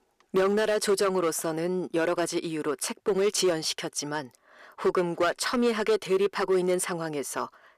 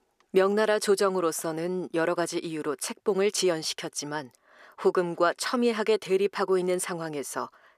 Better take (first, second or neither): second